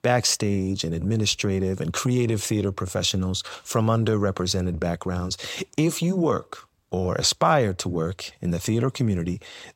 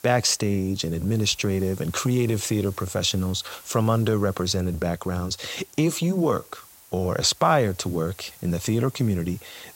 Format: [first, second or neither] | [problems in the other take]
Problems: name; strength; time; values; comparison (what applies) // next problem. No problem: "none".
first | hiss; faint; throughout; 20 dB below the speech